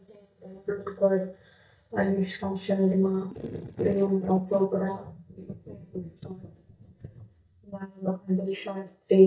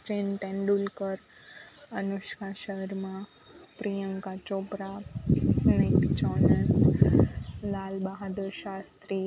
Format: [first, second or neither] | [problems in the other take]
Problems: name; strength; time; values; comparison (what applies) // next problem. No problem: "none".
second | noise reduction (neural mask model DeepFilterNet 3)